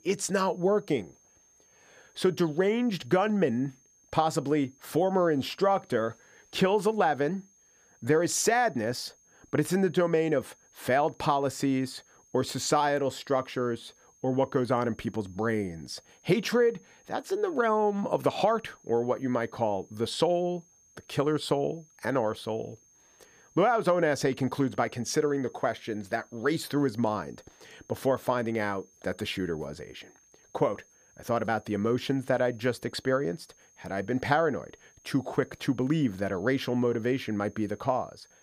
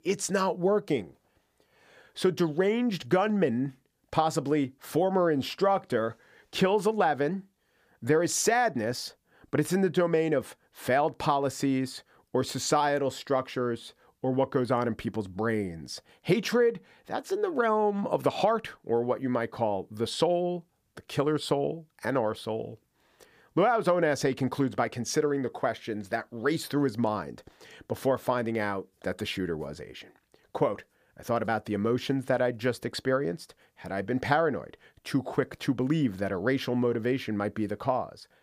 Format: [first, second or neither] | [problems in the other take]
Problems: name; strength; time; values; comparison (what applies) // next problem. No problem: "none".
second | high-pitched whine; faint; throughout; 6.5 kHz, 30 dB below the speech